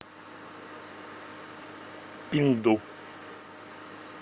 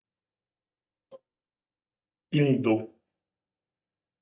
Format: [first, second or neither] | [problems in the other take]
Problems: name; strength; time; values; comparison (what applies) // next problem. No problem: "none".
first | noise reduction (neural mask model DeepFilterNet 3)